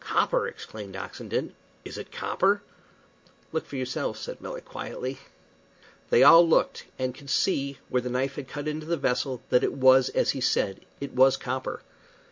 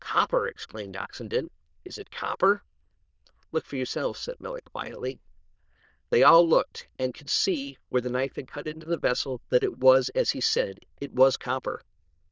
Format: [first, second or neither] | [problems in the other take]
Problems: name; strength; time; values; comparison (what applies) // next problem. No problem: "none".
first | noise reduction (neural diffusion model UNIVERSE++)